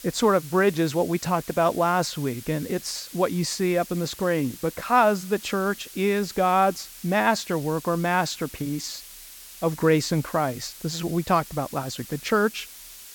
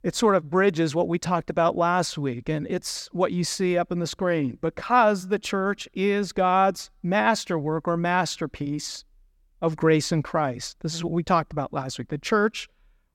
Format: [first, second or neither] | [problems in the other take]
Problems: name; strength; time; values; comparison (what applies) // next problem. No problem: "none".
second | hiss; noticeable; throughout; 15 dB below the speech